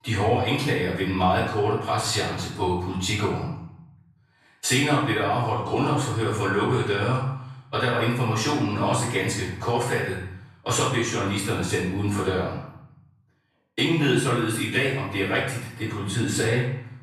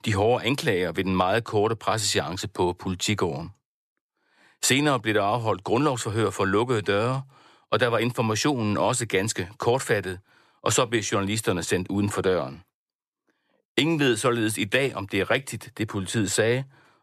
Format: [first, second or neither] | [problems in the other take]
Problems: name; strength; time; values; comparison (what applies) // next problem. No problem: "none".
second | off-mic speech; far // room echo; noticeable; dies away in 0.7 s